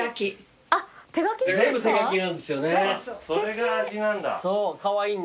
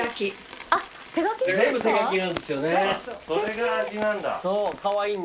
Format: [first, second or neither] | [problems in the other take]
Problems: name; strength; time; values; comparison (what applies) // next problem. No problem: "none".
first | background sound (Coin (dropping) + Walk, footsteps); 16 dB below the speech